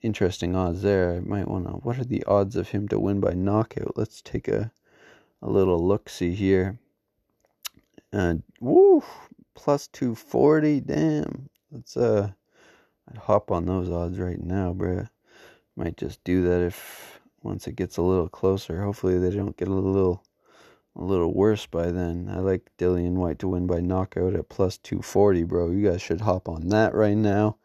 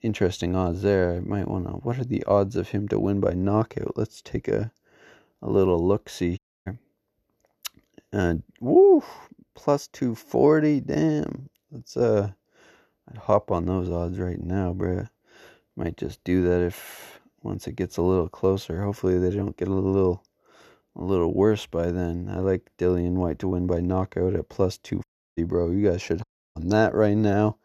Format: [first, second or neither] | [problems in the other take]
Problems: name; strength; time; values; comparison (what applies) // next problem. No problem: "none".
first | audio cutting out; at 6.5 s, at 25 s and at 26 s